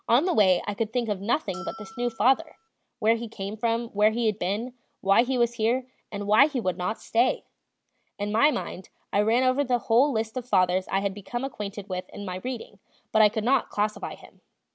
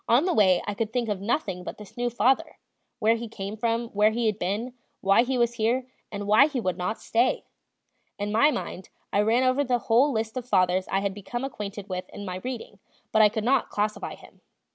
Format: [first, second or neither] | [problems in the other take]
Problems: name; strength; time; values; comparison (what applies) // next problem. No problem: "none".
second | background sound (Bell); 17 dB below the speech